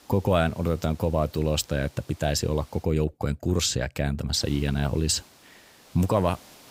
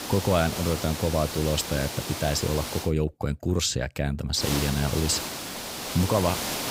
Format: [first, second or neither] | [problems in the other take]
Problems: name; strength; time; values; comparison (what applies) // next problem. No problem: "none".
first | hiss; loud; until 3 s and from 4.5 s on; 5 dB below the speech; faint in the first